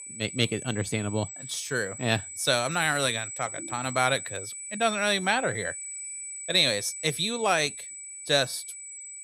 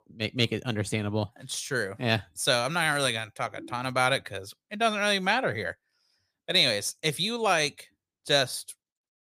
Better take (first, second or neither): second